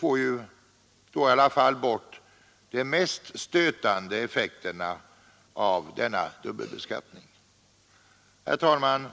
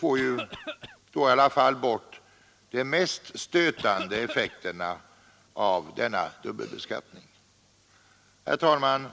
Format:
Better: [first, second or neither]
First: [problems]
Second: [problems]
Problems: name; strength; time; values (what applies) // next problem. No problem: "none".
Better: first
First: none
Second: background sound (Cough); 11 dB below the speech